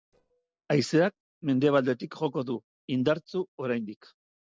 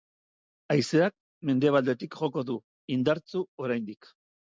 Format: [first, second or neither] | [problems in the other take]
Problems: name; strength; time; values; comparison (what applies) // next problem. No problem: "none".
second | noise reduction (neural separator model SepFormer DNS4)